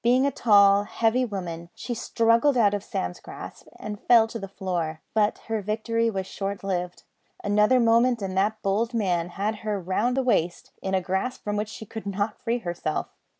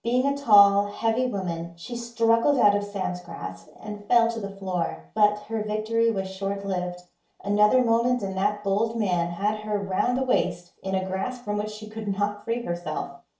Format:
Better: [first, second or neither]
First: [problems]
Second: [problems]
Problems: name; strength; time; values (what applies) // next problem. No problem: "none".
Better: first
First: none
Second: room echo; dies away in 0.4 s